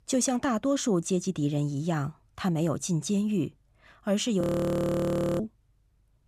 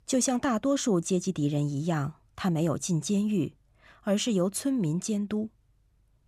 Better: second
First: audio freezing; at 4.5 s for 1 s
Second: none

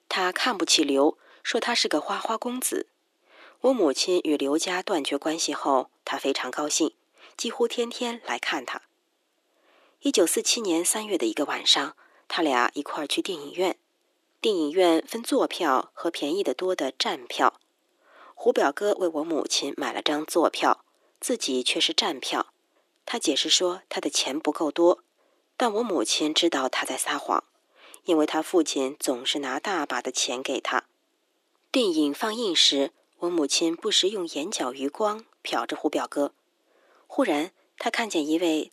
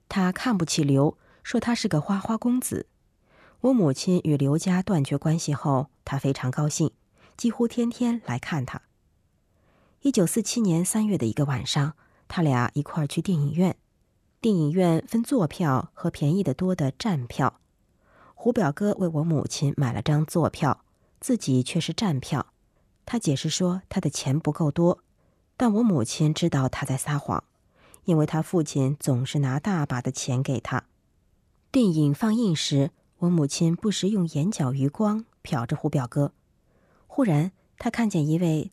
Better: second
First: thin; somewhat; fading below 300 Hz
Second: none

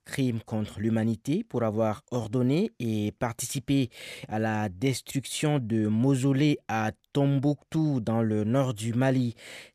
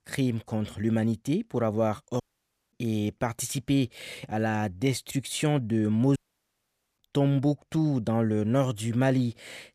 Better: first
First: none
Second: audio cutting out; at 2 s for 0.5 s and at 6 s for 1 s

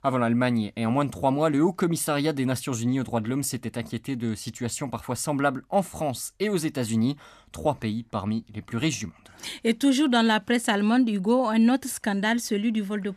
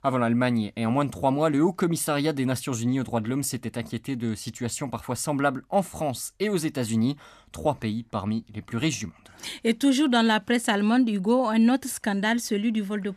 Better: neither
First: none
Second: none

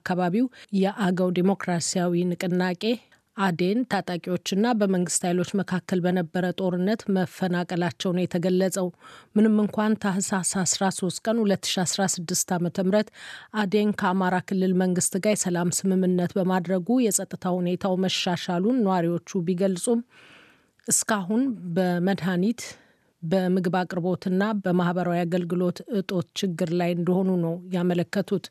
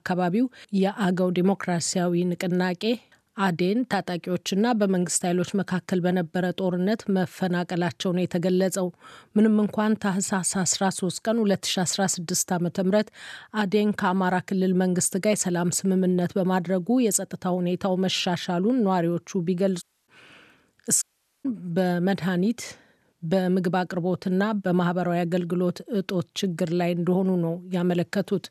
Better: first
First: none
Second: audio cutting out; at 20 s and at 21 s

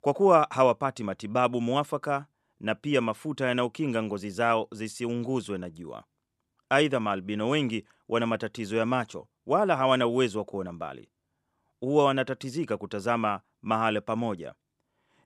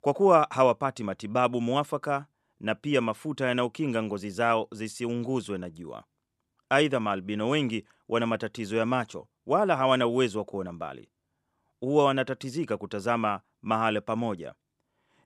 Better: neither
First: none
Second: none

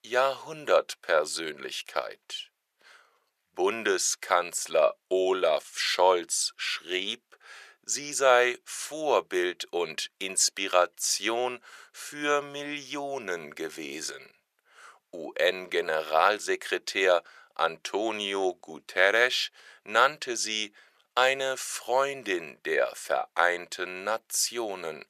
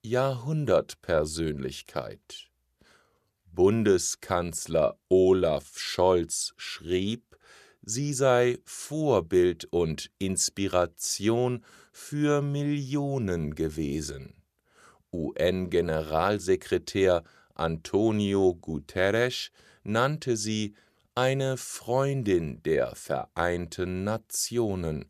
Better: second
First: thin; very; fading below 650 Hz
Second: none

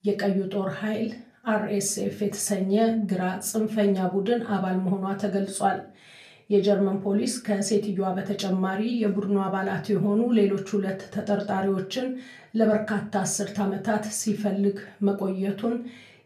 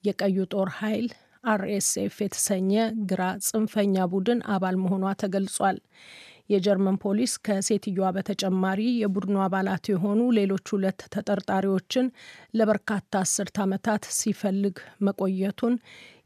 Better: second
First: off-mic speech; far // room echo; very slight; dies away in 0.3 s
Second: none

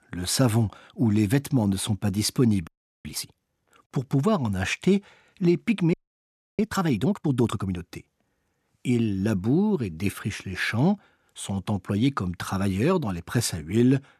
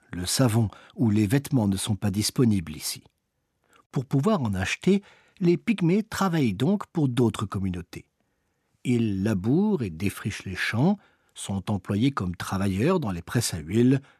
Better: second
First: audio freezing; at 2.5 s and at 6 s for 0.5 s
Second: none

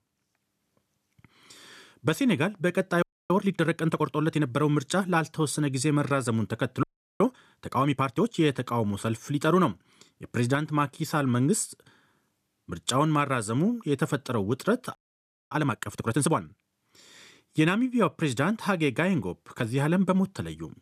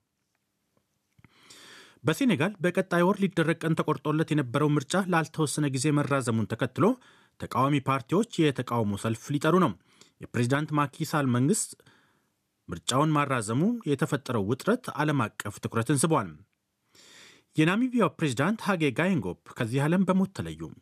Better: second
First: audio freezing; at 3 s, at 7 s and at 15 s for 0.5 s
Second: none

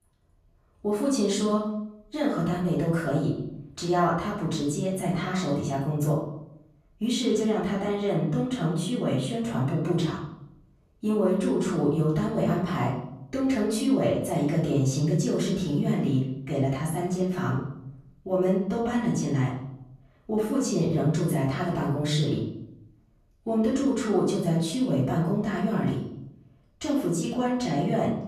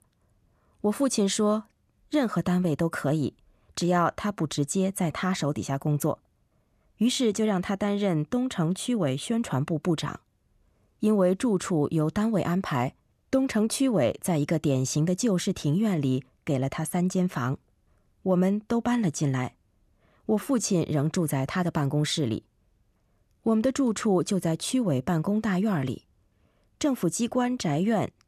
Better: second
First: room echo; noticeable; dies away in 0.7 s // off-mic speech; far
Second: none

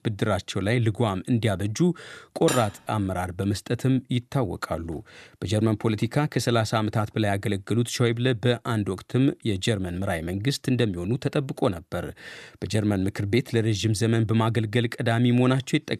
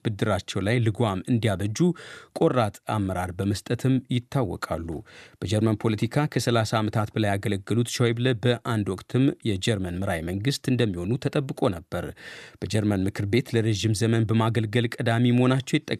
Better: second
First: clattering dishes; noticeable; at 2.5 s; peak 6 dB below the speech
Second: none

